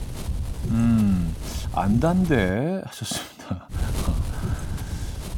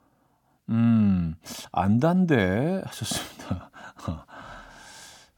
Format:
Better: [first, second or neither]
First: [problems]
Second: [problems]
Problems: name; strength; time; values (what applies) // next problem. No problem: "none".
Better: second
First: wind noise on the microphone; occasional gusts; until 2.5 s and from 3.5 s on; 10 dB below the speech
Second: none